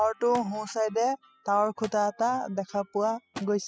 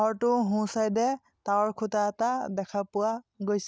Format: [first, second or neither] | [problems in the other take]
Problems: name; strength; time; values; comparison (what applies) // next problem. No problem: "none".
second | noise reduction (classical method spectral subtraction)